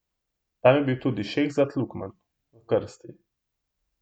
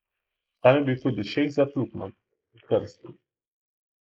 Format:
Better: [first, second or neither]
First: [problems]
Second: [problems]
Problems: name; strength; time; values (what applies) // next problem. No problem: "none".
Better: first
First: none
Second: noise reduction (neural mask model Resemble Enhance denoiser)